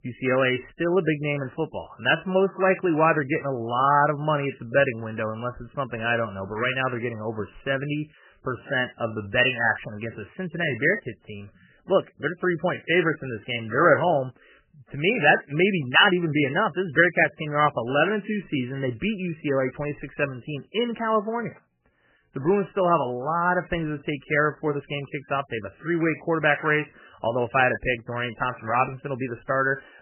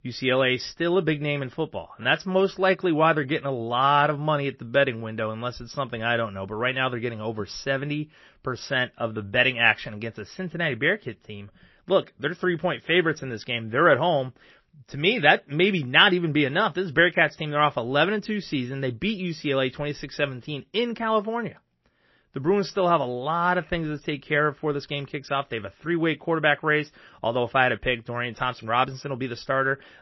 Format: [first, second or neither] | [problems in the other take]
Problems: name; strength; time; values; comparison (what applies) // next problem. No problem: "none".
second | garbled, watery; badly; nothing above 3 kHz; slightly in the second